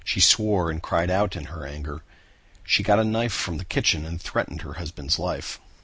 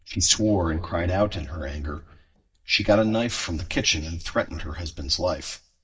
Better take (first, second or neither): first